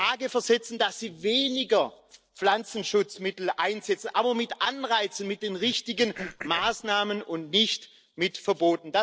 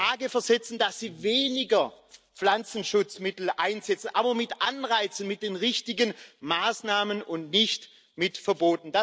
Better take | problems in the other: second | noise reduction (neural separator model SepFormer DNS4)

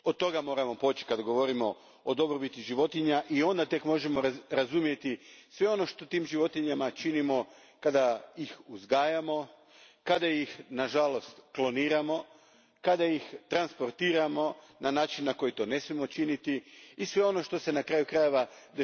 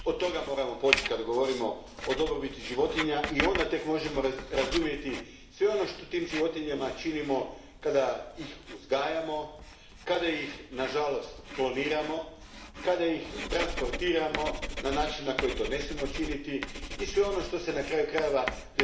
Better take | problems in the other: first | background sound (Writing); 7 dB below the speech // room echo; dies away in 0.7 s

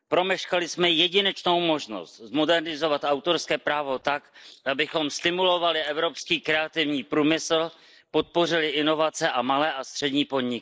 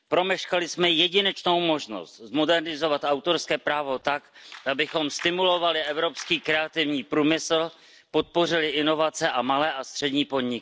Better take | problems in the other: second | noise reduction (neural mask model Resemble Enhance denoiser)

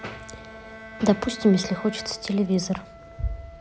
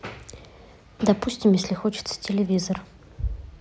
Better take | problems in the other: second | background sound (Wind instrument, woodwind instrument + Bowed string instrument); 16 dB below the speech

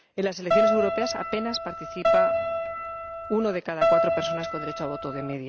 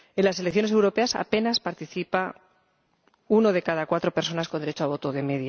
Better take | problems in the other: second | background sound (Keyboard (musical)); 5 dB above the speech

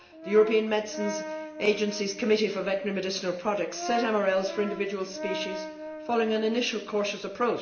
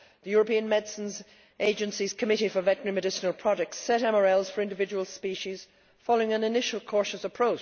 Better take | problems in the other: second | background sound (Brass instrument); 11 dB below the speech // room echo; dies away in 0.8 s

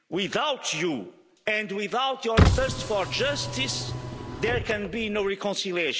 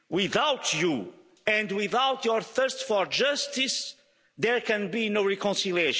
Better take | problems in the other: second | background sound (Car); 1 dB above the speech

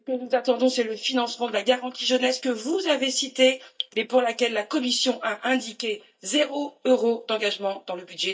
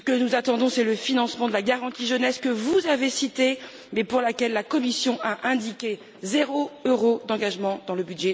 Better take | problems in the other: second | noise reduction (neural mask model DeepFilterNet 3)

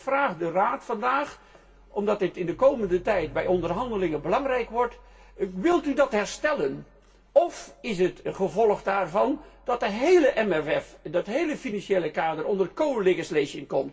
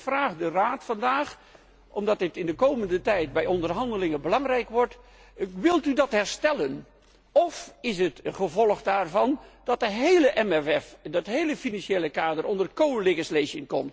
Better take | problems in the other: second | room echo; dies away in 0.2 s

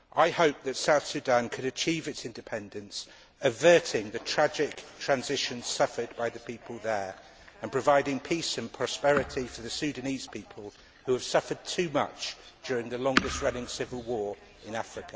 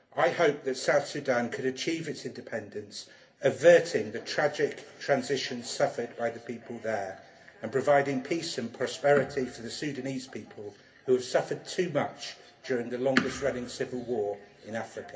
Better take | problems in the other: first | room echo; dies away in 0.3 s

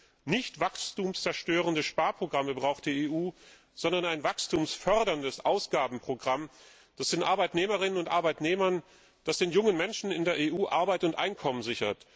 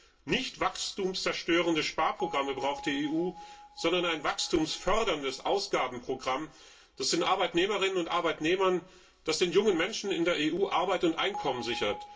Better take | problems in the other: first | background sound (Bell); 19 dB below the speech // room echo; dies away in 0.2 s

